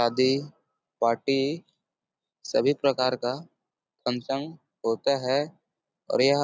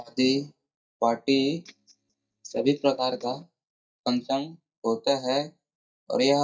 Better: first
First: none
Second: noise reduction (neural mask model DeepFilterNet 3)

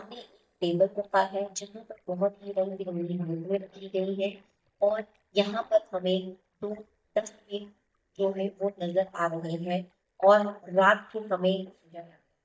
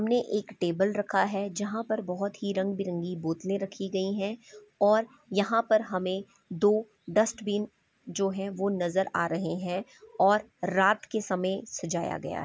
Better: second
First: noise reduction (neural mask model DeepFilterNet 3)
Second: none

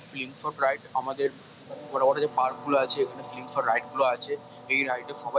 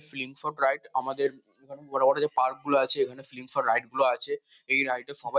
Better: second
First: background sound (Train); 16 dB below the speech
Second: none

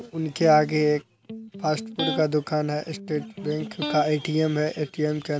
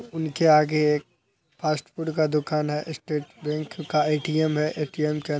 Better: second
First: background sound (Electric guitar); 10 dB below the speech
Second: none

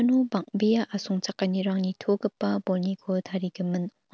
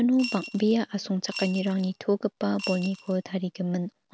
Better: first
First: none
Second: background sound (Coin (dropping) / Glass); 14 dB below the speech

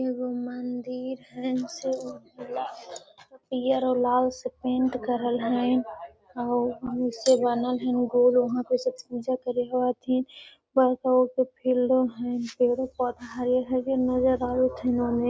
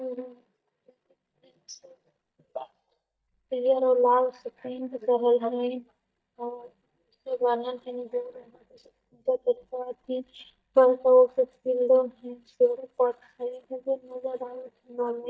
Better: first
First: none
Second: noise reduction (neural mask model DeepFilterNet 3)

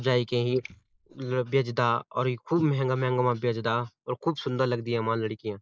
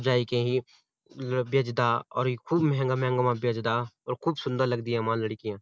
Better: second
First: noise reduction (neural mask model Resemble Enhance denoiser)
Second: none

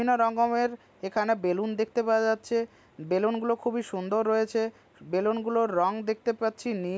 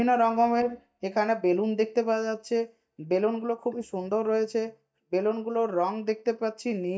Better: first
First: none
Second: noise reduction (neural mask model DeepFilterNet 3)

